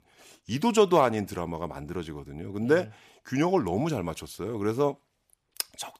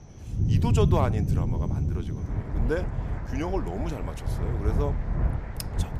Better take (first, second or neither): first